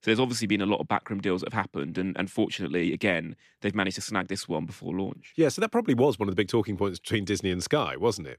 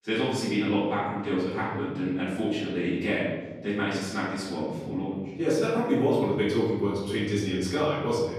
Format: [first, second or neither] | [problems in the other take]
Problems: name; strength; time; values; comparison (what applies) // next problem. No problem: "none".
first | off-mic speech; far // room echo; noticeable; dies away in 1.1 s